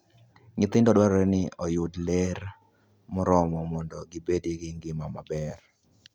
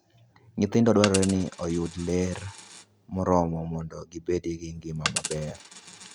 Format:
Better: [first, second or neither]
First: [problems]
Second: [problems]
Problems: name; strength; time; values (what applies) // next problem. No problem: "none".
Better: first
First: none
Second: background sound (Coin (dropping)); 11 dB below the speech